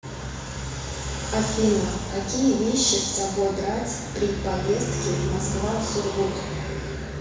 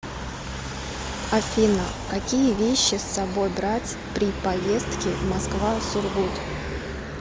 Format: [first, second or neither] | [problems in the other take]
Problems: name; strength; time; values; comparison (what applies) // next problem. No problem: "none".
second | room echo; dies away in 1 s